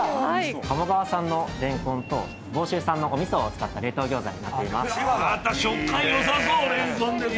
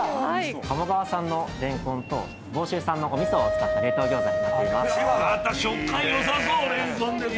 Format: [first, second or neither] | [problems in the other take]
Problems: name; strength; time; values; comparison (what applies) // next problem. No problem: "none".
first | background sound (Wind instrument, woodwind instrument); 1 dB below the speech